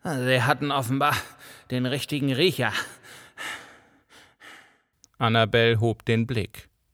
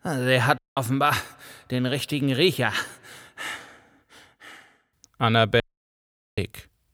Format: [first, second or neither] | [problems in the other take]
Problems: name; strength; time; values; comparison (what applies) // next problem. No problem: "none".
first | audio cutting out; at 0.5 s and at 5.5 s for 1 s